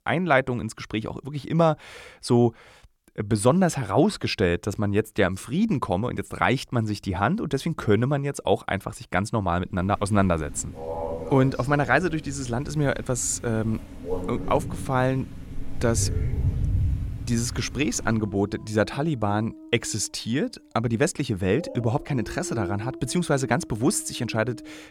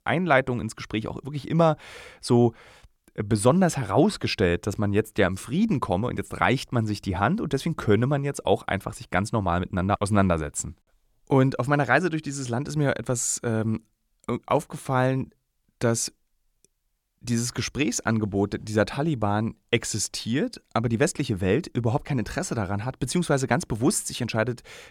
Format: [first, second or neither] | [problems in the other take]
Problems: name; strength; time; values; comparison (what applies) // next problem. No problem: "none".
second | animal sounds; loud; from 9.5 s on; 9 dB below the speech